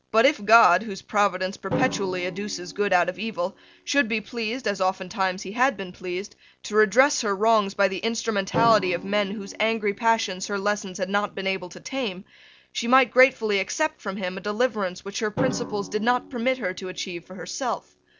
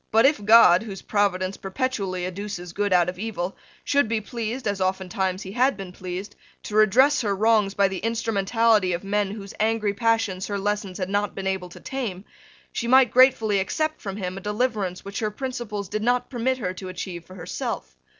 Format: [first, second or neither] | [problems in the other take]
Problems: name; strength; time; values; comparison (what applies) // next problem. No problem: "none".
second | background sound (Drum); 14 dB below the speech